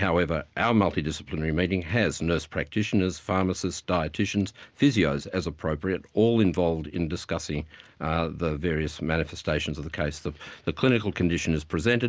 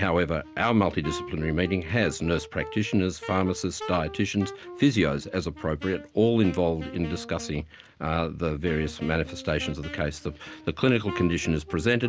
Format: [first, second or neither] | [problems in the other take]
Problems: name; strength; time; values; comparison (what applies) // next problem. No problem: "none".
first | background sound (Wind instrument, woodwind instrument); 15 dB below the speech